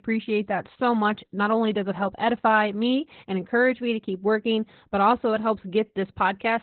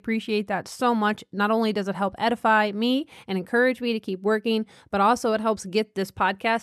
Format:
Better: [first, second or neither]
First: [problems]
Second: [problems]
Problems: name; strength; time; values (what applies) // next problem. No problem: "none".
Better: second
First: garbled, watery; badly; nothing above 4 kHz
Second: none